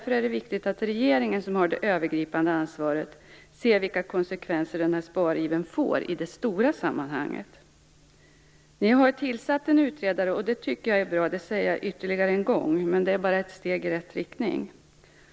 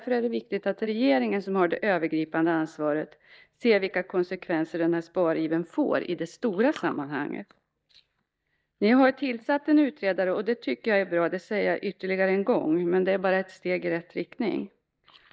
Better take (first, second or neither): first